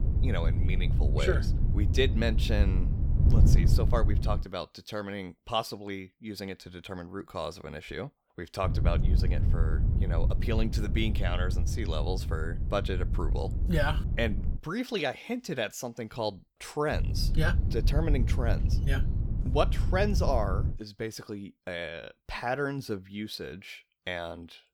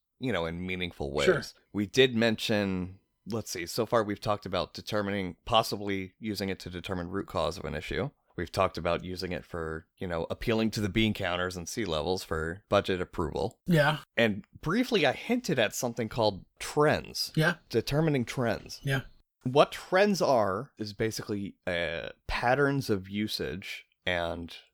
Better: second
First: wind noise on the microphone; heavy; until 4.5 s, from 8.5 to 15 s and from 17 to 21 s; 9 dB below the speech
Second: none

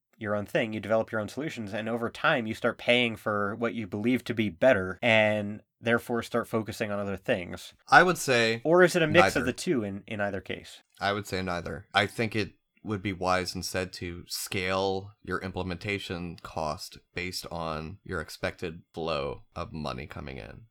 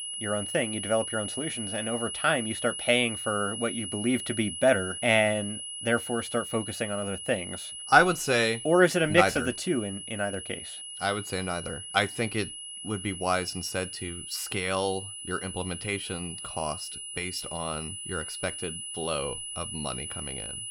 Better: first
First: none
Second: high-pitched whine; loud; throughout; 10 kHz, 7 dB below the speech

